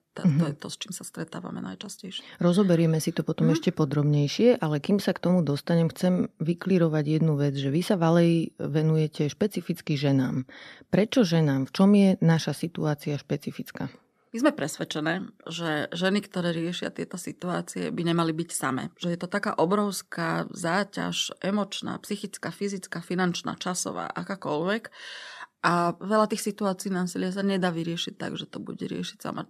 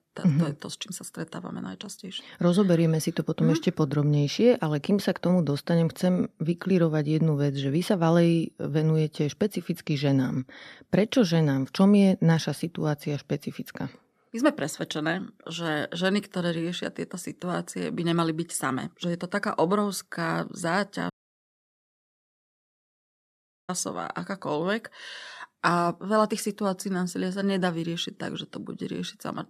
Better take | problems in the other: first | audio cutting out; at 21 s for 2.5 s

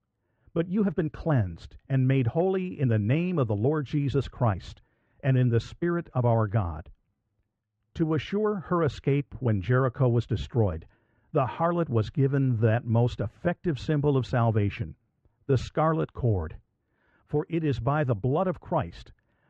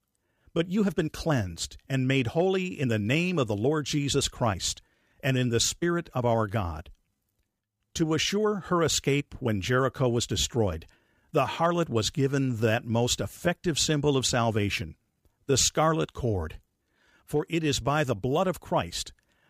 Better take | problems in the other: second | muffled; very; fading above 1.5 kHz

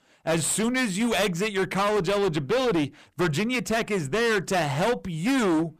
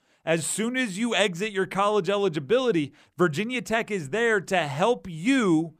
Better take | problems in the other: second | distortion; heavy; 24% of the sound clipped

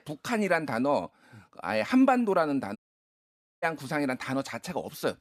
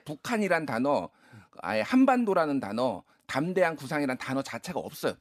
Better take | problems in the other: second | audio cutting out; at 3 s for 1 s

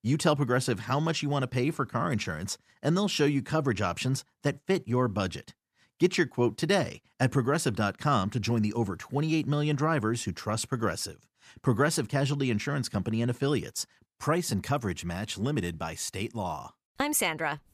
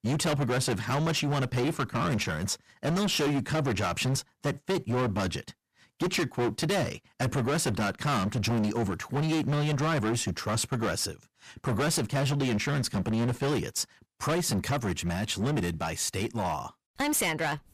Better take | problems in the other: first | distortion; heavy; 23% of the sound clipped

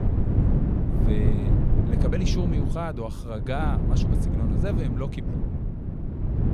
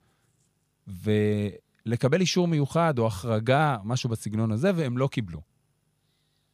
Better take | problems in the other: second | wind noise on the microphone; heavy; 1 dB below the speech

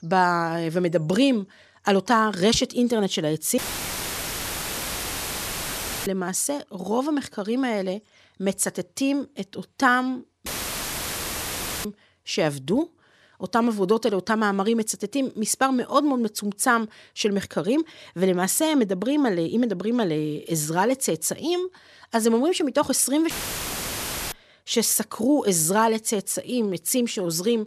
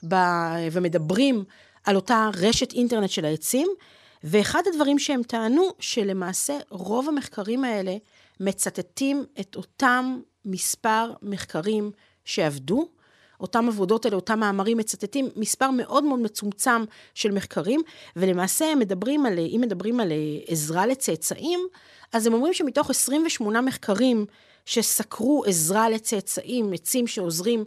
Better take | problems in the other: second | audio cutting out; filled with static; at 3.5 s for 2.5 s, at 10 s for 1.5 s and at 23 s for 1 s

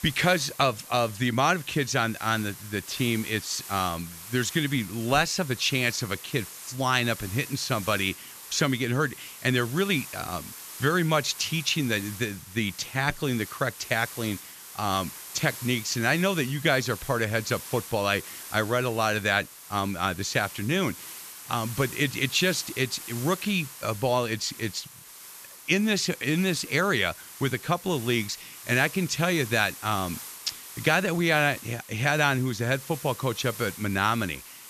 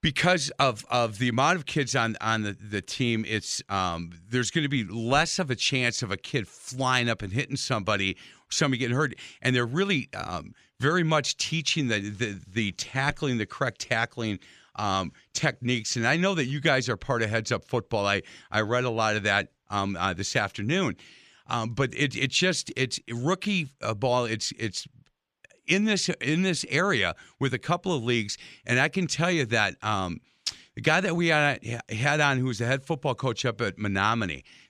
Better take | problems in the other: second | hiss; noticeable; throughout; 15 dB below the speech

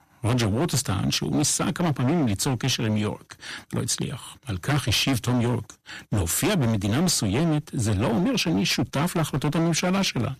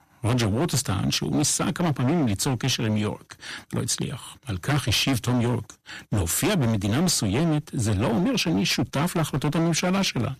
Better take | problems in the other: neither | distortion; heavy; 20% of the sound clipped; the same in both

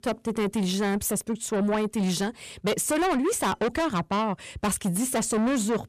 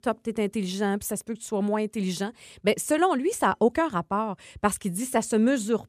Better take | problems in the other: second | distortion; heavy; 6 dB below the speech

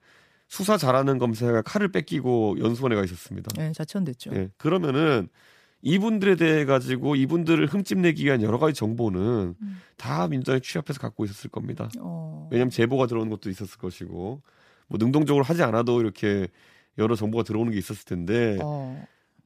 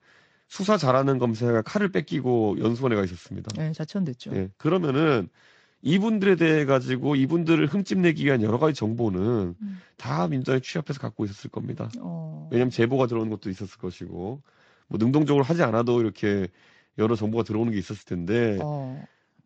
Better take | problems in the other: first | garbled, watery; slightly; nothing above 7.5 kHz

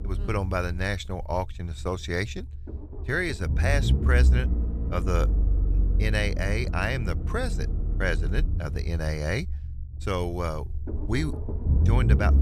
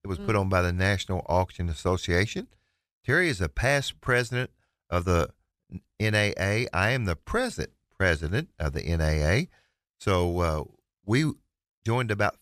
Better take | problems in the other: second | low rumble; noticeable; throughout; 10 dB below the speech

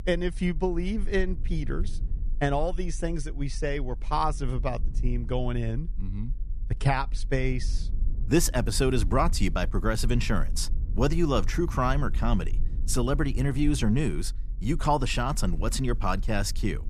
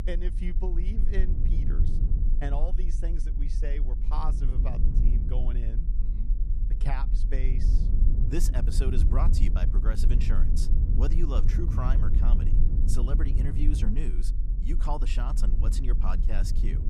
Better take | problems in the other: first | low rumble; loud; throughout; 6 dB below the speech; faint in the first

